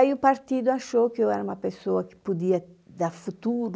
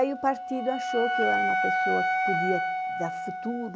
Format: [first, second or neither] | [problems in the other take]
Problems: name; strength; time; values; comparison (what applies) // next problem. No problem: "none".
first | background sound (Wind instrument, woodwind instrument); 2 dB above the speech